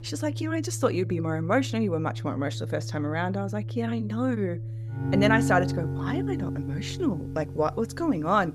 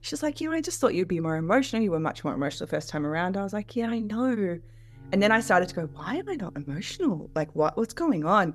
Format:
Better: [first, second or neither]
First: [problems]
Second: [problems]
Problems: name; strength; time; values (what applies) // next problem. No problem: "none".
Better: second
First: background music; loud; throughout; 4 dB below the speech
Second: background music; faint; throughout; 20 dB below the speech